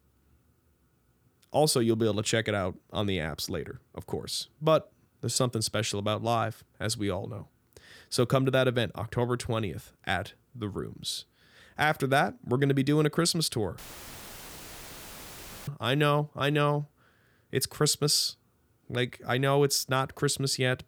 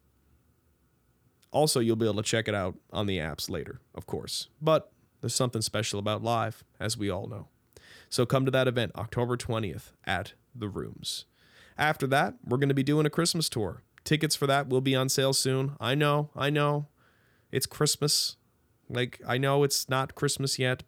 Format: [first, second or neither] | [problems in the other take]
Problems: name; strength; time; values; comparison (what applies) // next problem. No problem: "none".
second | audio cutting out; filled with static; at 14 s for 2 s